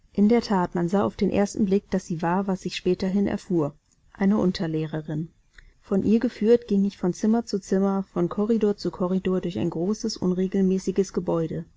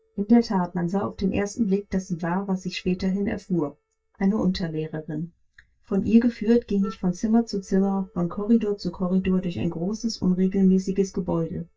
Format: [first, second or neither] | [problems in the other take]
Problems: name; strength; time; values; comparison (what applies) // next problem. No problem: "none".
first | noise reduction (neural mask model DeepFilterNet 3)